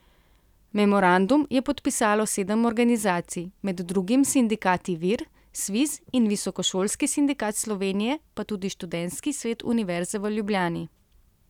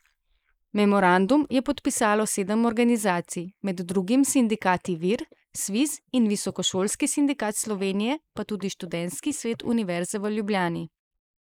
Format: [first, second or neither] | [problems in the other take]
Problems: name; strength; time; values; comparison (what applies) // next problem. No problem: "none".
first | noise reduction (neural mask model Resemble Enhance denoiser)